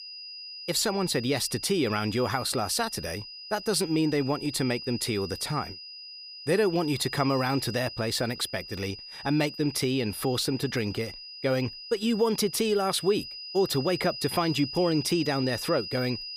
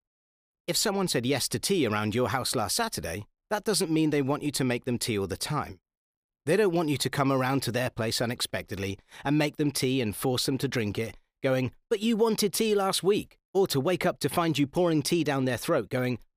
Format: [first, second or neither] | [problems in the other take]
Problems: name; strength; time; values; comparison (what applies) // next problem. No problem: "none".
second | high-pitched whine; noticeable; throughout; 5 kHz, 10 dB below the speech